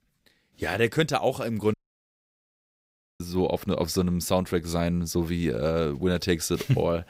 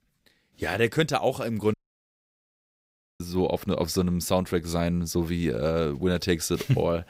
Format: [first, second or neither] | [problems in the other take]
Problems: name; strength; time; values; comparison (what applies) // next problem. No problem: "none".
neither | audio cutting out; at 1.5 s for 1.5 s; the same in both